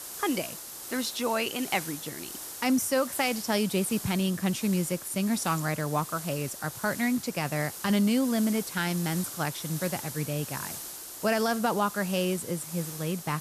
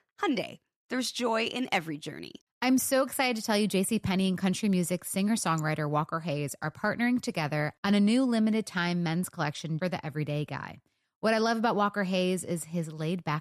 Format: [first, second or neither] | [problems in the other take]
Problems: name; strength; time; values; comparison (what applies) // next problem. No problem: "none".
second | hiss; loud; throughout; 9 dB below the speech